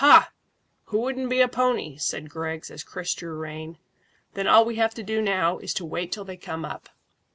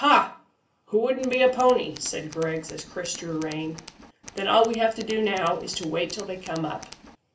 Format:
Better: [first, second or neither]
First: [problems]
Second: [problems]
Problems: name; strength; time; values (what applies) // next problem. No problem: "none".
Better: first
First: none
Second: background sound (Tools); 19 dB below the speech // room echo; dies away in 0.3 s